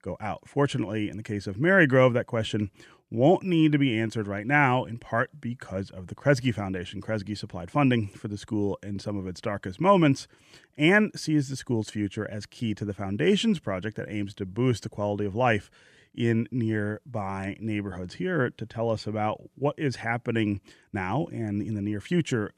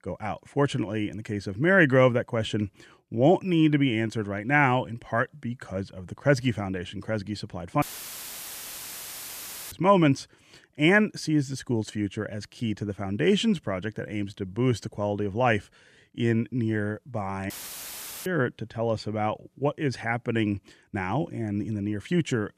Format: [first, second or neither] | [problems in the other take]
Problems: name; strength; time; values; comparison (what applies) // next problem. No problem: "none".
first | audio cutting out; filled with static; at 8 s for 2 s and at 18 s for 1 s